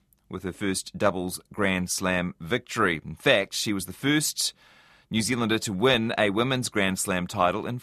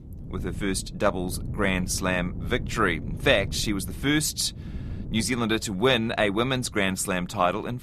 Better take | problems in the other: first | wind noise on the microphone; occasional gusts; 20 dB below the speech

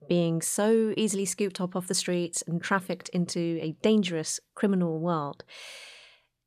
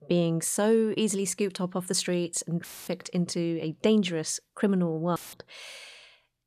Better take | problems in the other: first | audio cutting out; filled with static; at 2.5 s and at 5 s

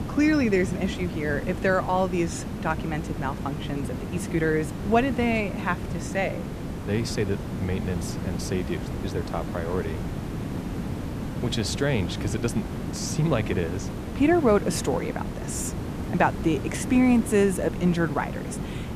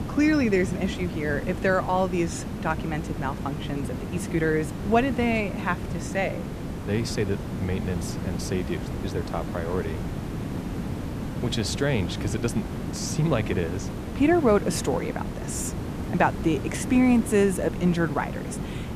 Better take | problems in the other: neither | hiss; loud; throughout; 6 dB below the speech; the same in both

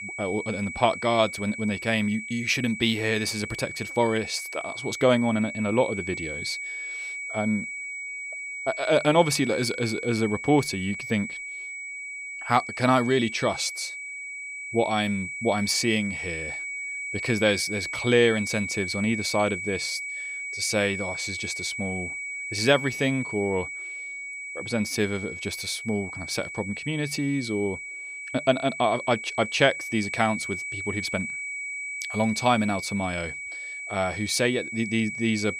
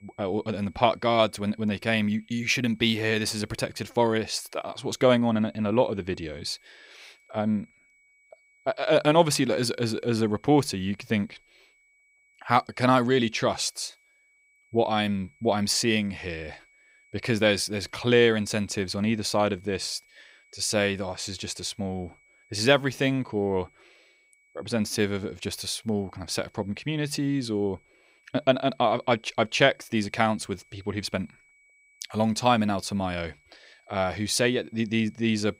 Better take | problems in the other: second | high-pitched whine; loud; throughout; 2.5 kHz, 7 dB below the speech; faint in the second

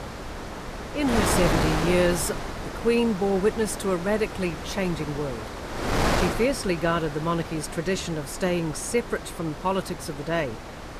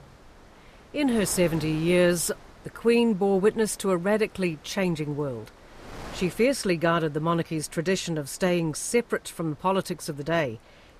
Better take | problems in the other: second | wind noise on the microphone; heavy; 3 dB below the speech; occasional gusts in the second

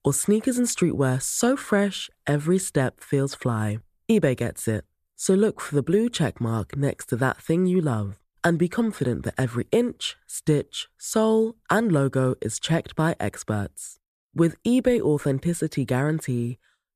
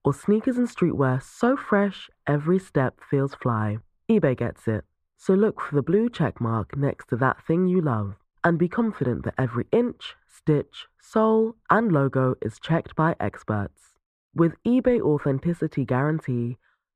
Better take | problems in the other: first | muffled; very; fading above 4 kHz

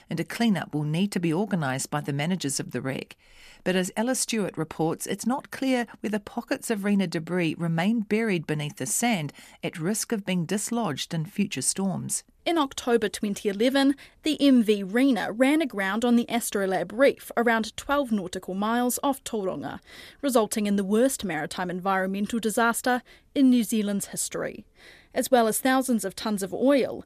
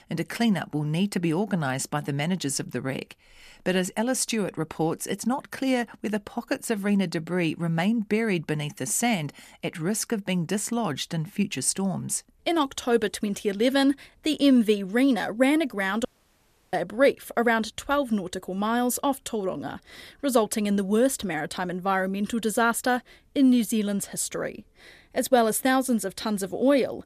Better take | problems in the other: first | audio cutting out; at 16 s for 0.5 s

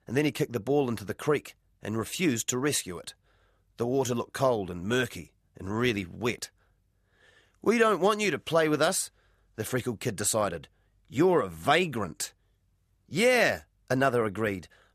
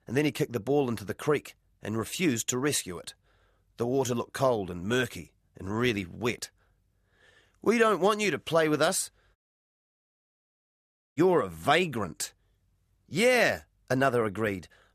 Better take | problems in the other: first | audio cutting out; at 9.5 s for 2 s

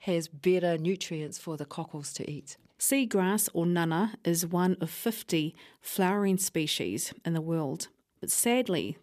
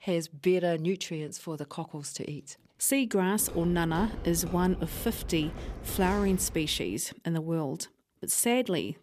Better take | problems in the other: first | footsteps; noticeable; from 3.5 to 7 s; peak 9 dB below the speech

